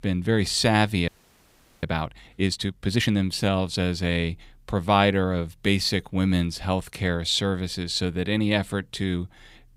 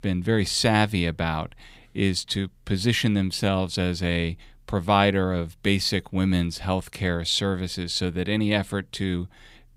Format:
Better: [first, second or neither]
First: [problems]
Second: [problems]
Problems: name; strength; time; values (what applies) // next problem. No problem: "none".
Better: second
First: audio freezing; at 1 s for 1 s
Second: none